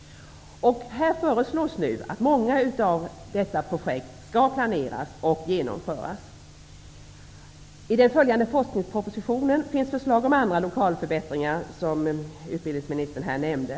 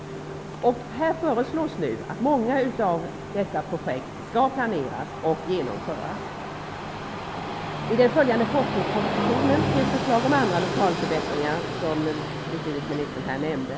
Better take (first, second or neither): first